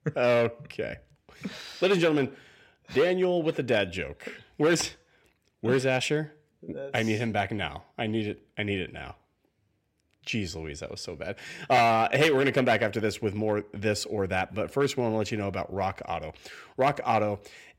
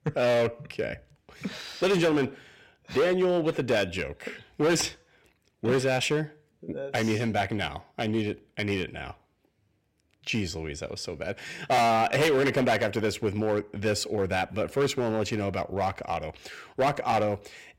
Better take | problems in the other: first | distortion; slight; 6% of the sound clipped

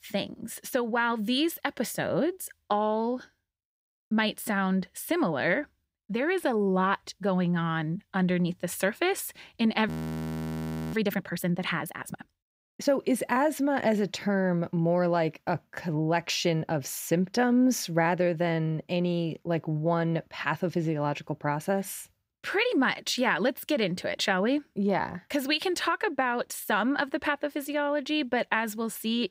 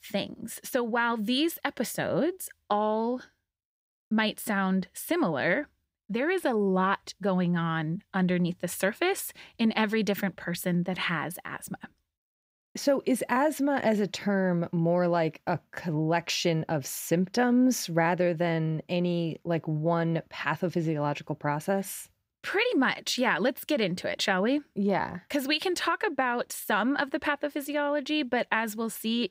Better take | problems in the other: second | audio freezing; at 10 s for 1 s

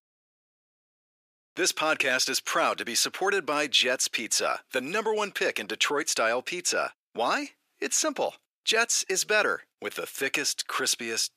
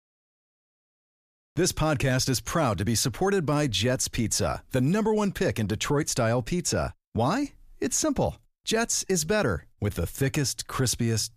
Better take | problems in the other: second | thin; very; fading below 350 Hz

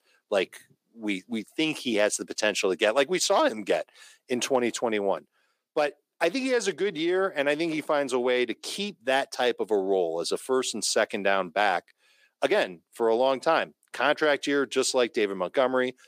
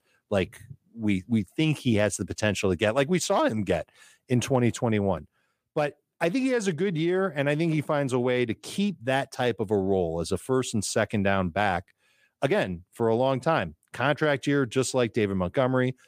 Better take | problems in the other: second | thin; somewhat; fading below 300 Hz

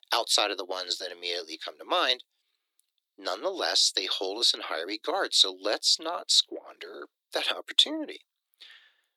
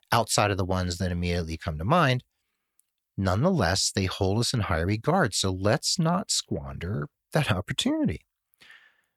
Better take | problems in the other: second | thin; very; fading below 300 Hz

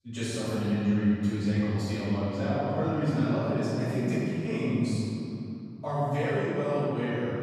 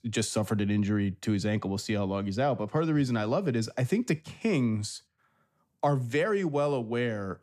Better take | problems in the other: second | room echo; strong; dies away in 2.9 s // off-mic speech; far

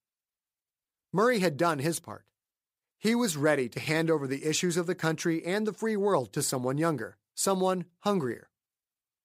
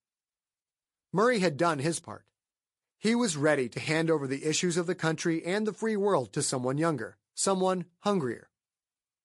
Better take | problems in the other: first | garbled, watery; slightly

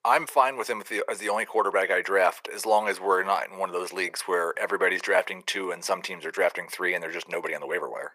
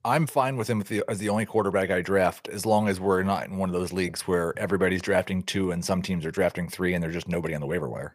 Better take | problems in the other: second | thin; very; fading below 400 Hz

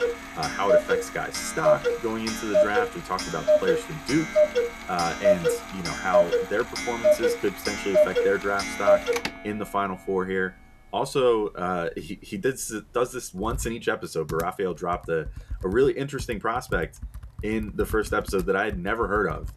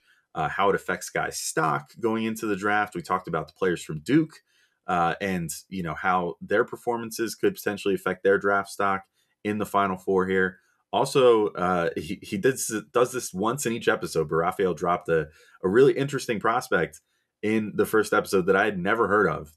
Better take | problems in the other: second | household noises; very loud; throughout; 3 dB above the speech

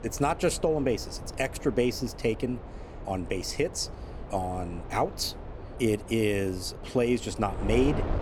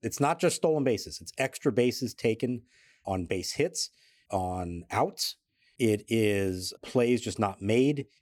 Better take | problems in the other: second | wind noise on the microphone; occasional gusts; 15 dB below the speech

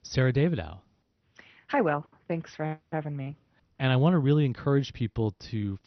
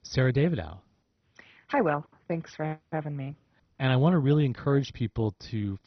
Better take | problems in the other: first | garbled, watery; badly; nothing above 6 kHz; slightly in the first

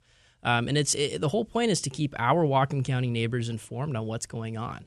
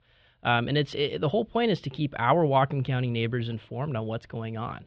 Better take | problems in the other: first | muffled; very; fading above 4 kHz

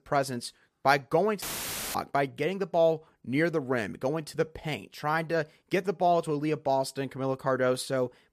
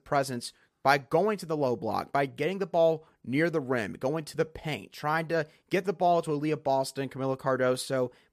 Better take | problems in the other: second | audio cutting out; filled with static; at 1.5 s for 0.5 s

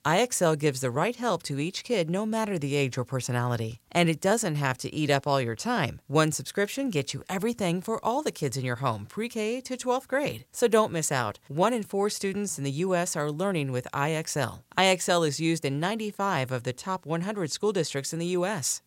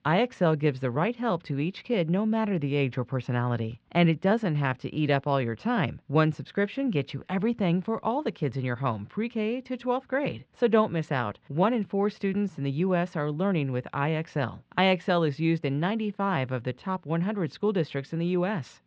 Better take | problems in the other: first | muffled; very; fading above 3.5 kHz

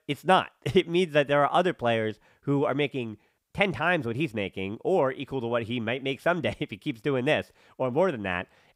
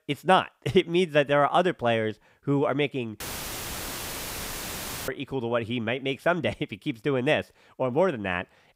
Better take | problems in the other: first | audio cutting out; filled with static; at 3 s for 2 s

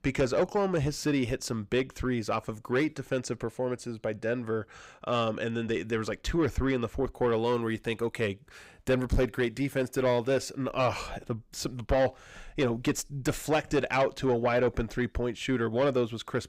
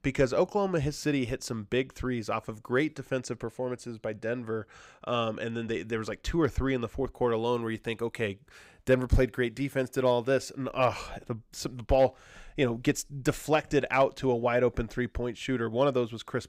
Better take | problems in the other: second | distortion; slight; 10 dB below the speech

